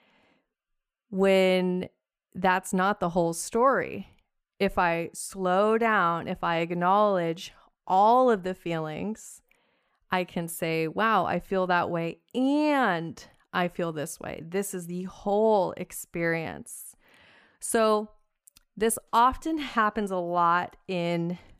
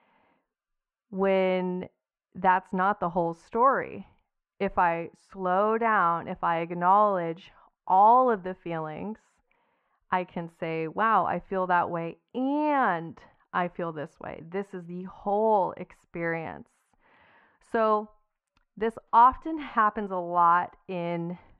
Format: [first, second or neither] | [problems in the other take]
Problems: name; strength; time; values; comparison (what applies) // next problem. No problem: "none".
first | muffled; very; fading above 2 kHz